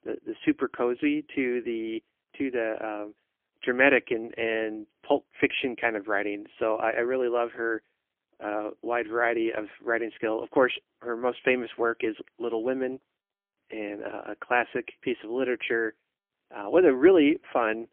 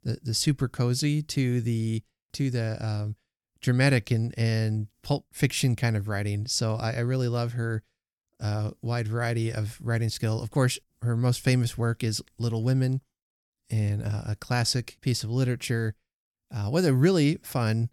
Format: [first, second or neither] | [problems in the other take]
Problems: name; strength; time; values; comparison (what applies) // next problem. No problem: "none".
second | phone-call audio; poor line; nothing above 3.5 kHz